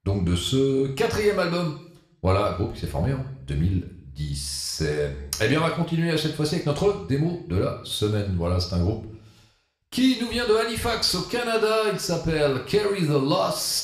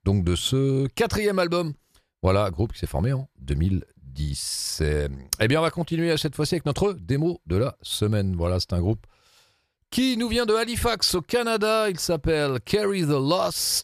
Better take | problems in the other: second | room echo; slight; dies away in 0.6 s

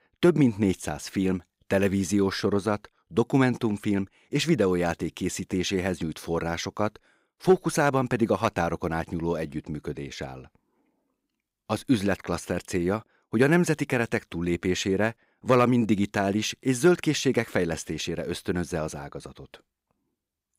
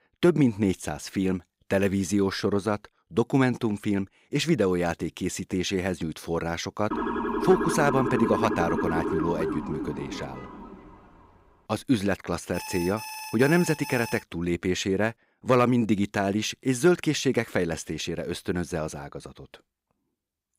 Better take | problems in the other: first | siren; noticeable; from 7 to 11 s; peak 1 dB below the speech // alarm; noticeable; from 13 to 14 s; peak 10 dB below the speech

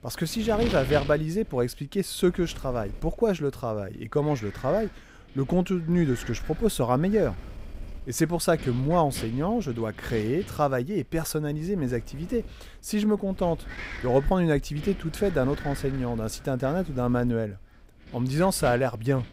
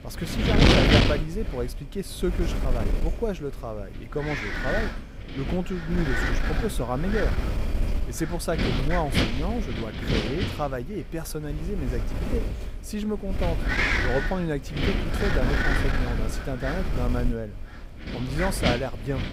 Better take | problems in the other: first | wind noise on the microphone; heavy; 4 dB above the speech; occasional gusts in the first

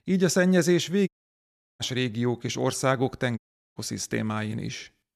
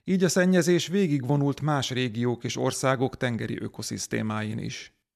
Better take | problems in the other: second | audio cutting out; at 1 s for 0.5 s and at 3.5 s

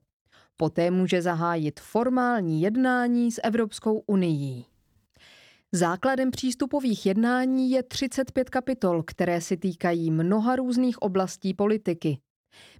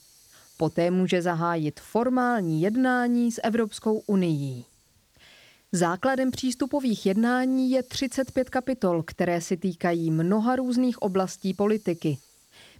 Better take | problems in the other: first | hiss; faint; throughout; 30 dB below the speech

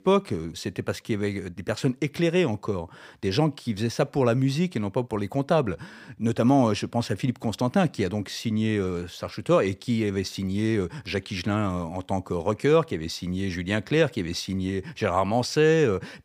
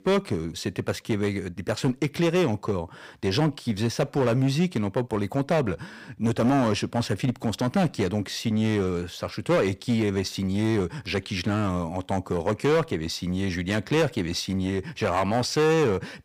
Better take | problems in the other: first | distortion; slight; 9% of the sound clipped

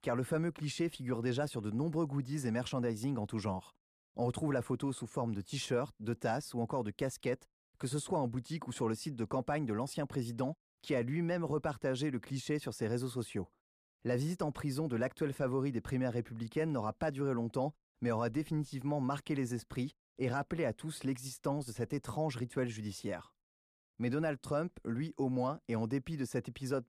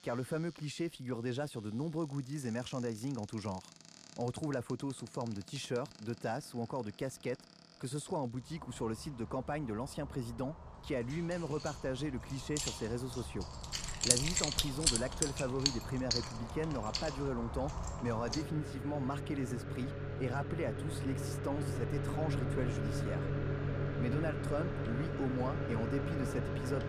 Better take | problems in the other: first | household noises; very loud; throughout; 2 dB above the speech

